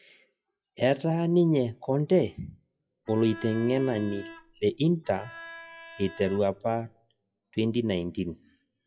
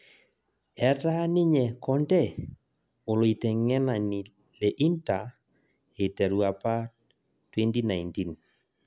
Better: second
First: noise reduction (classical method WPE with log-MMSE)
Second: none

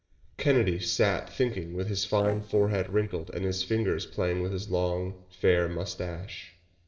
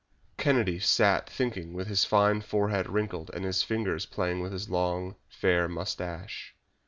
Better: second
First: noise reduction (neural separator model SepFormer DNS4)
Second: none

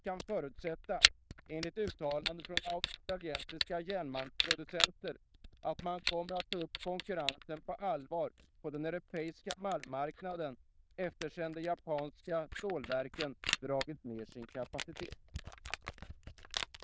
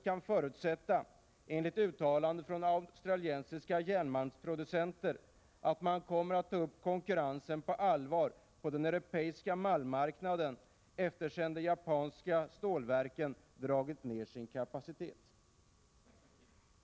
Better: second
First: noise reduction (neural diffusion model UNIVERSE++)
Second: none

